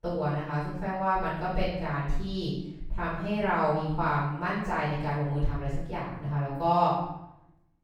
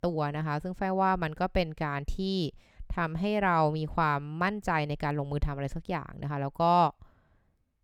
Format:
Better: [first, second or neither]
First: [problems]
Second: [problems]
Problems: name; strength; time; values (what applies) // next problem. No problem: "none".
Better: second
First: off-mic speech; far // room echo; strong; dies away in 0.7 s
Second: none